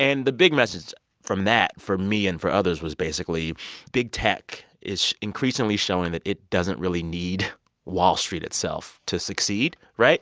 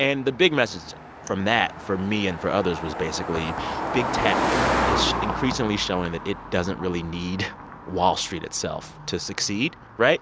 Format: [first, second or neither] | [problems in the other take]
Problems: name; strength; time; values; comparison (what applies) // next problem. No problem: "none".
first | background sound (Car passing by); 4 dB below the speech